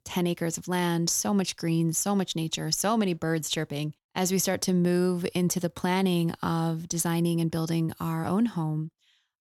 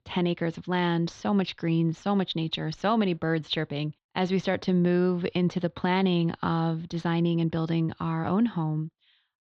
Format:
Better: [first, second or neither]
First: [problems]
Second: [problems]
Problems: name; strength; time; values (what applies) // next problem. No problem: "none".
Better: first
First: none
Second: muffled; very; fading above 4 kHz